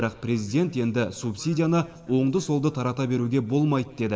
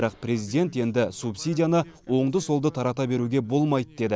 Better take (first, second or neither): second